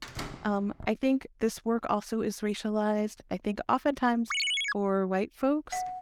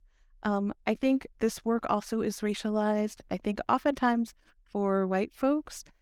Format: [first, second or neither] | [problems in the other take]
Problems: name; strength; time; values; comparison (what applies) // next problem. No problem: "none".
second | door banging; noticeable; at the start; peak 9 dB below the speech // phone ringing; loud; at 4.5 s; peak 3 dB above the speech // doorbell; very faint; at 5.5 s; peak 6 dB below the speech